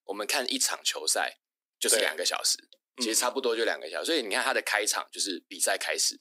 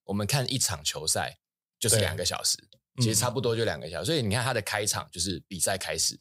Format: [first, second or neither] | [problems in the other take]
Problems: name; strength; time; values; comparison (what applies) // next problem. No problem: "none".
second | thin; somewhat; fading below 250 Hz